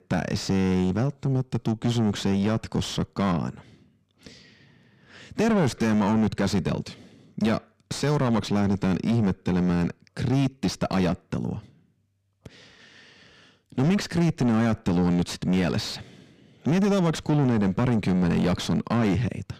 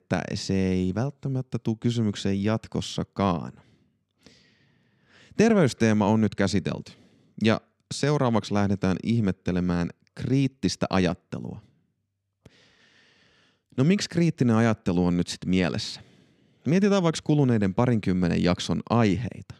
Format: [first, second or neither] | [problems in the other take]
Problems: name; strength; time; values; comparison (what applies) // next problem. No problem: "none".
second | distortion; heavy; 7 dB below the speech